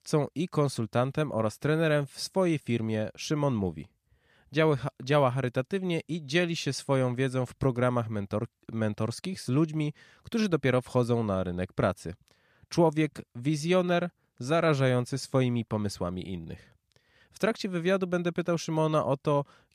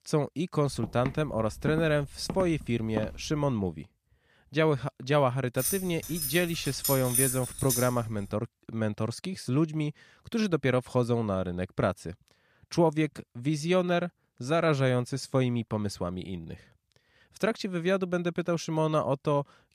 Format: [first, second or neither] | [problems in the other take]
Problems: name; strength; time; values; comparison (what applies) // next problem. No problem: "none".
first | footsteps; noticeable; from 0.5 to 3 s; peak 8 dB below the speech // jangling keys; loud; from 5.5 to 8 s; peak 3 dB above the speech